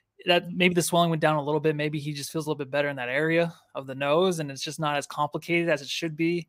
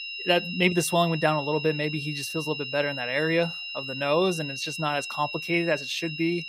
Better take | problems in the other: first | high-pitched whine; loud; throughout; 3 kHz, 7 dB below the speech

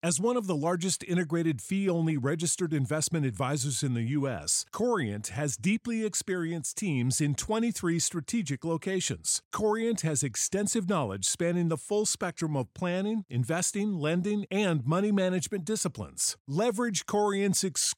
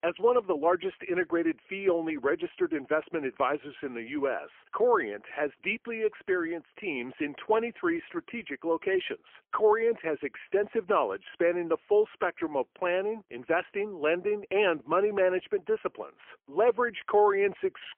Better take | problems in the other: first | phone-call audio; poor line; nothing above 3 kHz

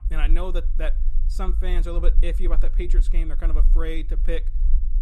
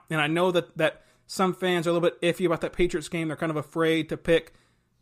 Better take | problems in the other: second | low rumble; noticeable; throughout; 15 dB below the speech

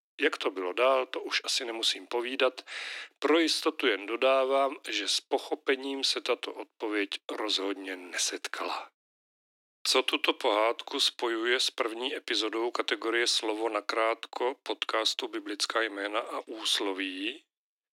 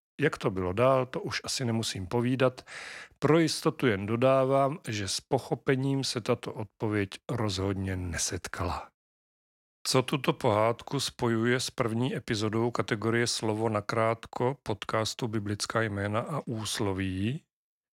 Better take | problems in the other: second | thin; somewhat; fading below 300 Hz

